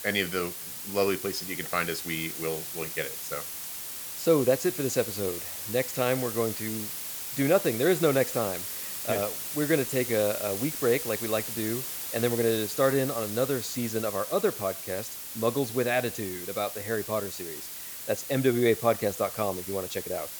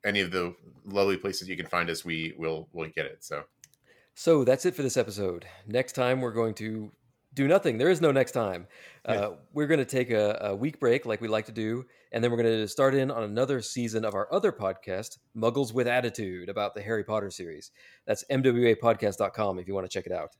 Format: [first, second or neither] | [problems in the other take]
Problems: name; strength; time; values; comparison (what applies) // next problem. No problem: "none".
second | hiss; loud; throughout; 5 dB below the speech